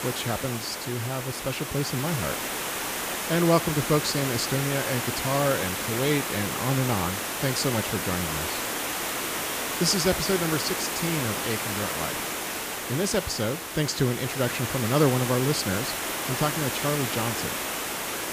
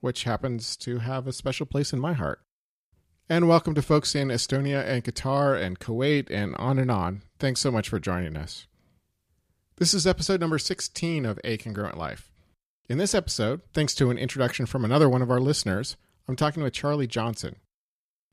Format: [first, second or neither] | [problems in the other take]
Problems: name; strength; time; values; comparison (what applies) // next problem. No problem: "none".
second | hiss; loud; throughout; 1 dB below the speech